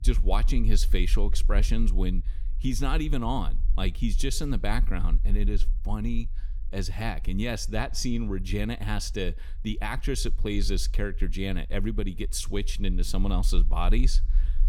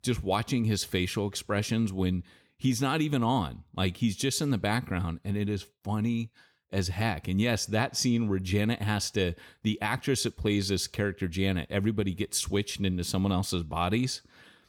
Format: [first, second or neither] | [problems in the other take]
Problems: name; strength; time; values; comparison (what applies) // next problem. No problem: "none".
second | low rumble; faint; throughout; 20 dB below the speech